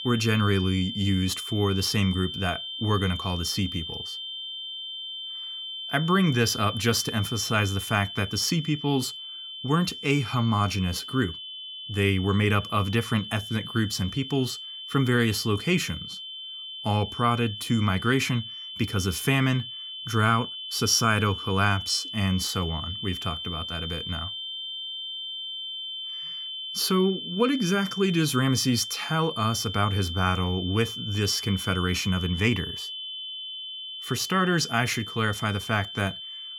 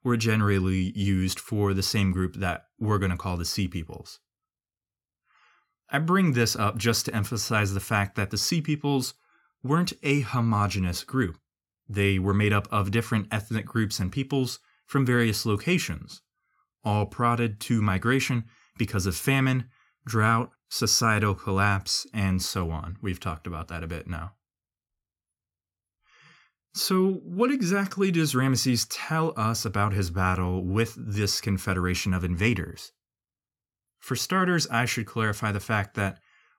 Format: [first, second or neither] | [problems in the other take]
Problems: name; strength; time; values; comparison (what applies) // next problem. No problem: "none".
second | high-pitched whine; loud; throughout; 3 kHz, 8 dB below the speech